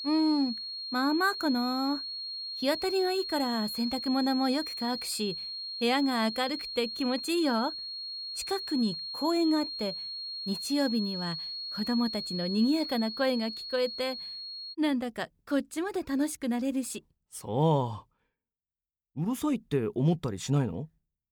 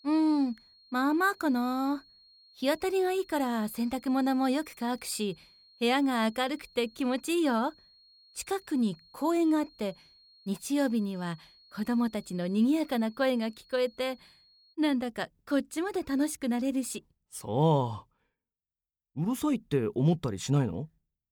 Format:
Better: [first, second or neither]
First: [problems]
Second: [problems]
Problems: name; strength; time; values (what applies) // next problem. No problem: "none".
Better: second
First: high-pitched whine; loud; until 15 s; 4.5 kHz, 5 dB below the speech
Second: high-pitched whine; faint; until 15 s; 4.5 kHz, 25 dB below the speech